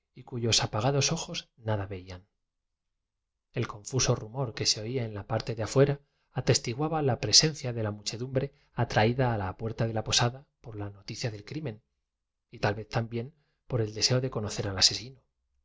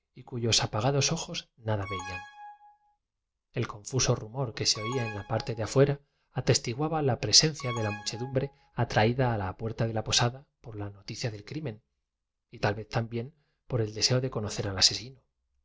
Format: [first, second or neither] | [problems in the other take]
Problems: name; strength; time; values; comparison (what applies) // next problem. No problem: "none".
first | background sound (Alarm); 12 dB below the speech